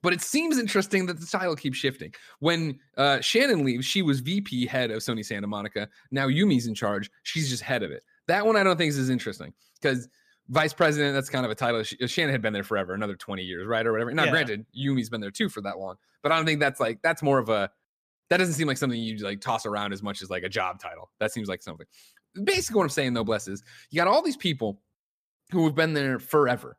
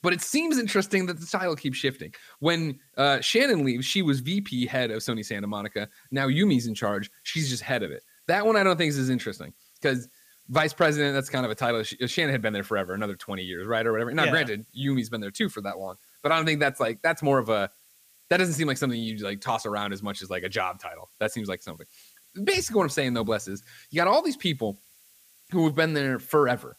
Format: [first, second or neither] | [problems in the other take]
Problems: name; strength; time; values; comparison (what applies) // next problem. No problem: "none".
first | hiss; faint; throughout; 30 dB below the speech